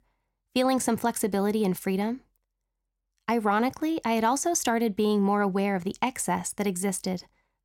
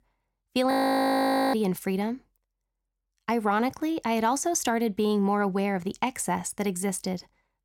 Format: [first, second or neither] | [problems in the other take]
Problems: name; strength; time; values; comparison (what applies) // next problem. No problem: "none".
first | audio freezing; at 0.5 s for 1 s